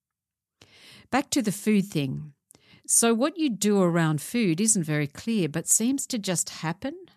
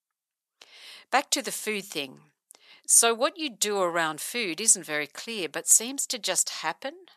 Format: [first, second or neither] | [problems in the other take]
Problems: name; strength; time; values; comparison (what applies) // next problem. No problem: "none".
first | thin; very; fading below 650 Hz